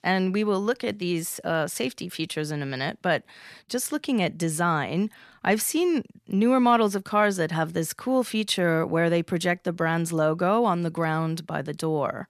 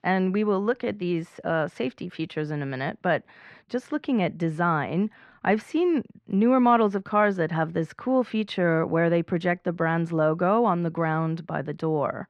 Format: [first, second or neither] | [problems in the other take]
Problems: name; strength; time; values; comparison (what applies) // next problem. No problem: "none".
first | muffled; very; fading above 2 kHz